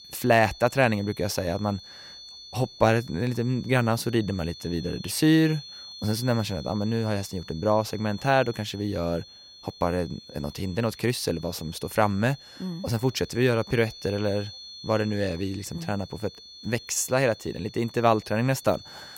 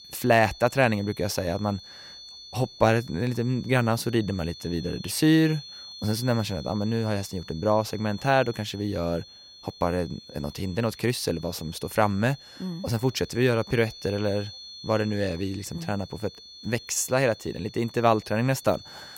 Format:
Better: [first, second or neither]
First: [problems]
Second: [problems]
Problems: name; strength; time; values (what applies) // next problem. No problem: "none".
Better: neither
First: high-pitched whine; noticeable; throughout; 4.5 kHz, 15 dB below the speech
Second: high-pitched whine; noticeable; throughout; 4.5 kHz, 15 dB below the speech